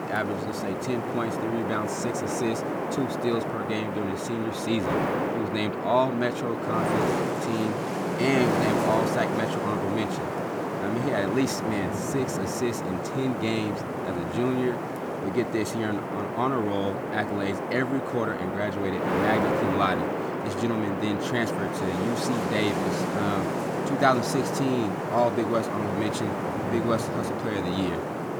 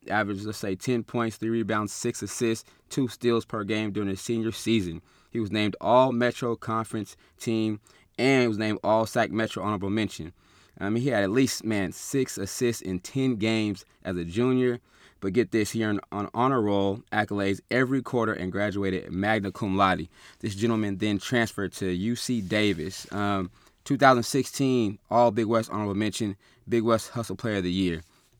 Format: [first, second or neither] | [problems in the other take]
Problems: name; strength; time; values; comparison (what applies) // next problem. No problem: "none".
second | wind noise on the microphone; heavy; 1 dB above the speech